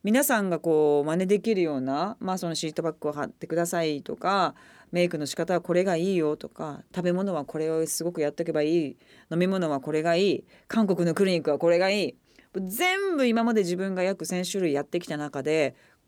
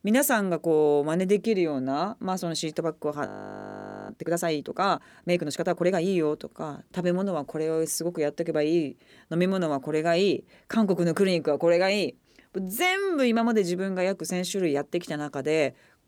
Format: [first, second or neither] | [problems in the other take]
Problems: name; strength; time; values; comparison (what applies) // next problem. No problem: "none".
first | audio freezing; at 3.5 s for 1 s